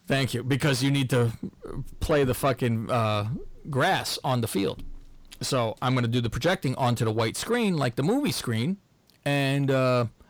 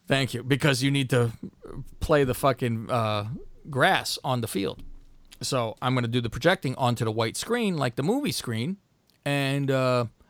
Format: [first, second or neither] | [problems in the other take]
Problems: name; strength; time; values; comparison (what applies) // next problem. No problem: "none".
second | distortion; slight; 10 dB below the speech